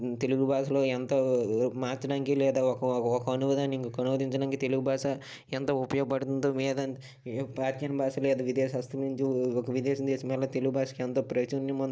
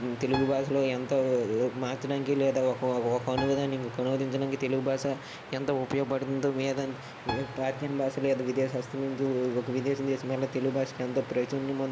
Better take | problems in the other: first | background sound (Piano + Waves, surf); 13 dB below the speech

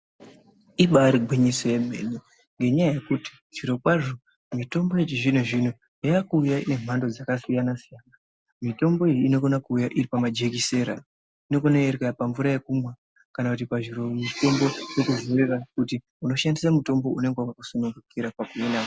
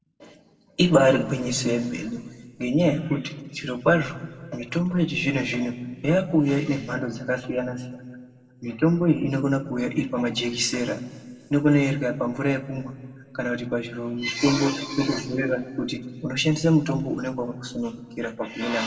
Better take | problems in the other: first | room echo; dies away in 1.1 s

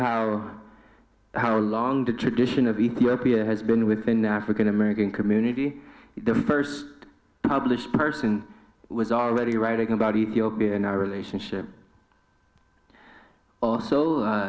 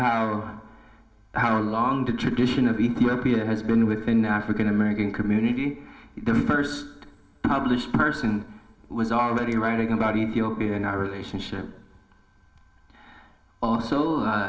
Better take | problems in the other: first | room echo; dies away in 0.9 s

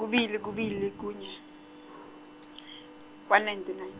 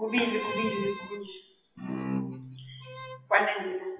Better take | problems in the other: first | noise reduction (classical method WPE with log-MMSE)

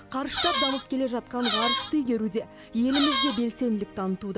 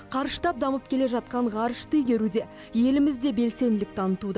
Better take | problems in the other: second | background sound (Squeak); as loud as the speech

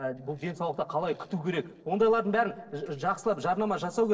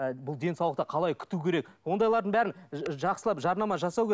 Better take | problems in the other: second | noise reduction (neural separator model SepFormer DNS4)

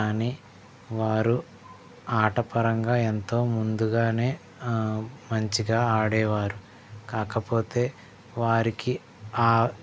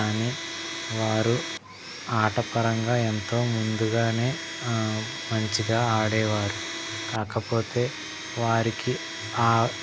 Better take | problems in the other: first | background sound (Domestic sounds, home sounds); 9 dB below the speech

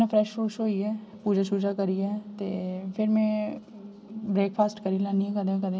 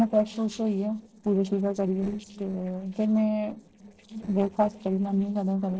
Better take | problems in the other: first | noise reduction (neural separator model SepFormer DNS4)

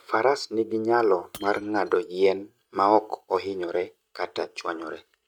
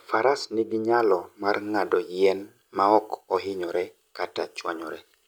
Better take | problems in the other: second | noise reduction (neural mask model RNNoise)

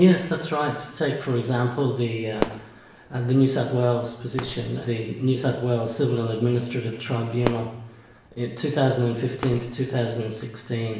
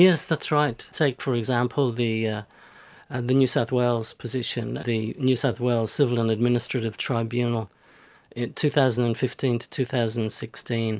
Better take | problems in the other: second | background sound (Fireworks); 15 dB below the speech // room echo; dies away in 0.9 s

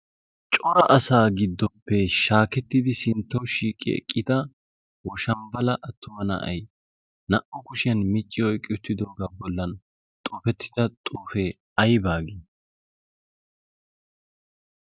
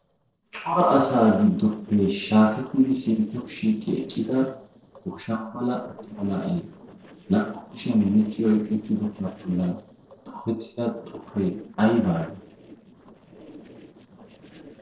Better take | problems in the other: first | noise reduction (neural separator model SepFormer DNS4)

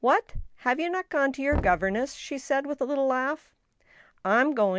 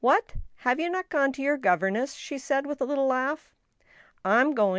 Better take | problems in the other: second | background sound (Knock); 11 dB below the speech

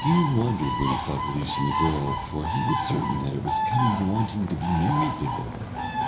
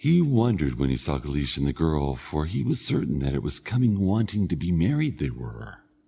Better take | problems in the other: second | background sound (Bird); 2 dB below the speech // room echo; dies away in 0.6 s

